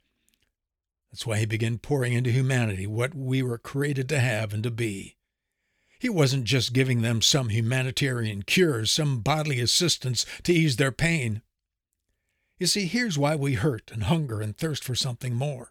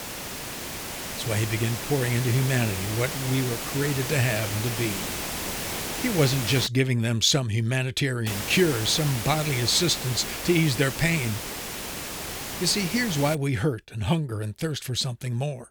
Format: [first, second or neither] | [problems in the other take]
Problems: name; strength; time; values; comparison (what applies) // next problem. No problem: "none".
first | hiss; loud; until 6.5 s and from 8.5 to 13 s; 6 dB below the speech